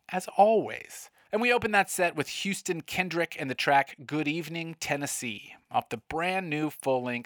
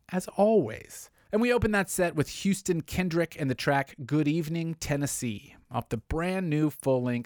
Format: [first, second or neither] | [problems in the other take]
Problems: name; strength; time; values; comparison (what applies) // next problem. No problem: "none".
second | thin; somewhat; fading below 650 Hz